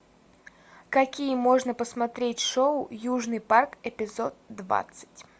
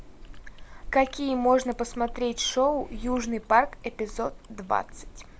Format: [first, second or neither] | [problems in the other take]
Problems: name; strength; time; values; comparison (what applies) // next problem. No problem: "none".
first | background sound (Chewing, mastication); 13 dB below the speech